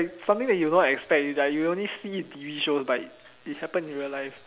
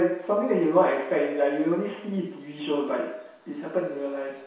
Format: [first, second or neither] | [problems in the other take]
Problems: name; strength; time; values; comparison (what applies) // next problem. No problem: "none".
first | room echo; dies away in 0.7 s